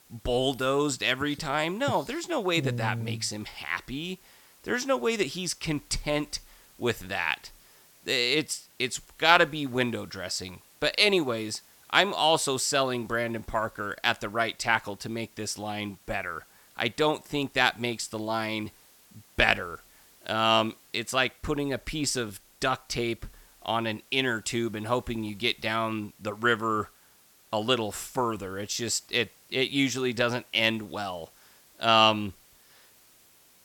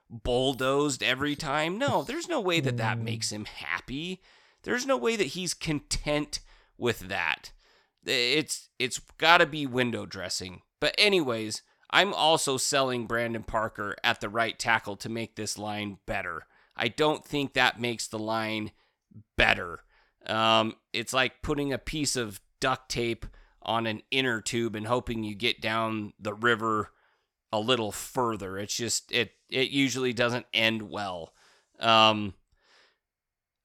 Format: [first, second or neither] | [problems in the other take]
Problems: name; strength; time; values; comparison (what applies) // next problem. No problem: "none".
second | hiss; faint; throughout; 30 dB below the speech